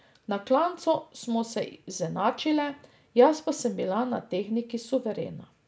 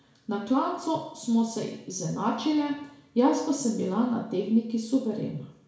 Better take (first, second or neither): first